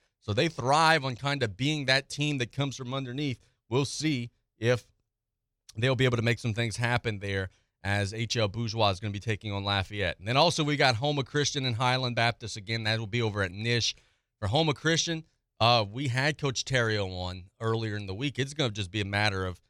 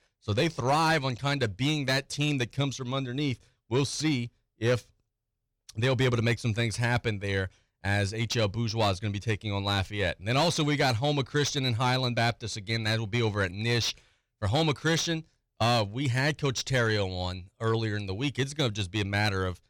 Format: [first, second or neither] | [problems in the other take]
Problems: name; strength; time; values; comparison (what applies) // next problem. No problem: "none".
first | distortion; slight; 10 dB below the speech